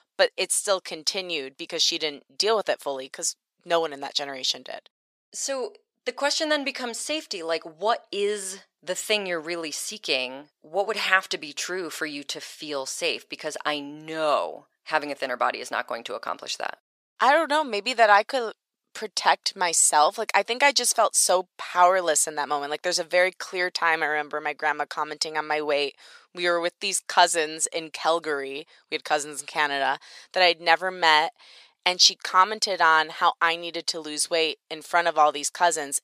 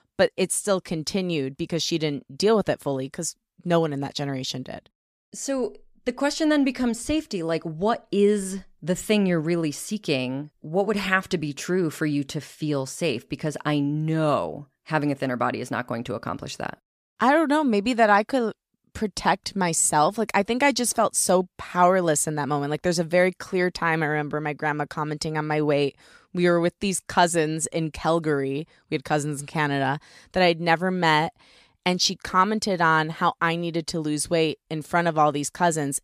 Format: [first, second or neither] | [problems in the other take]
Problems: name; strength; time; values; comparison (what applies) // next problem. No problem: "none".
second | thin; very; fading below 650 Hz